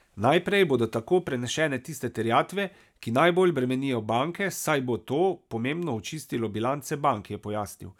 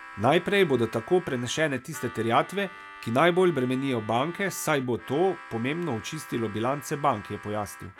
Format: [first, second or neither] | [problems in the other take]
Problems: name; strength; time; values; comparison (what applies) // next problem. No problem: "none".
first | background sound (Harmonica); 17 dB below the speech